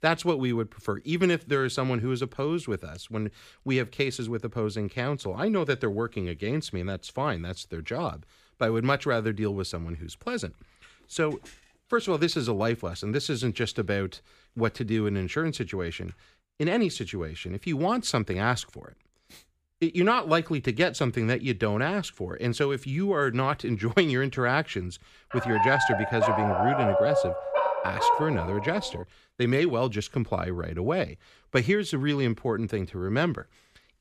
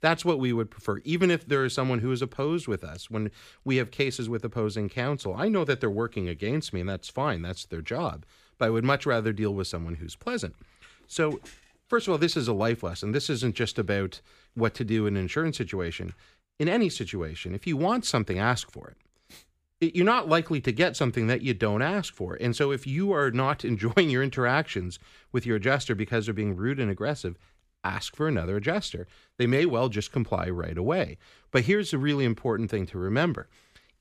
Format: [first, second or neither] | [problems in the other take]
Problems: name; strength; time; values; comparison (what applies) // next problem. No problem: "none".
second | dog barking; loud; from 25 to 29 s; peak 4 dB above the speech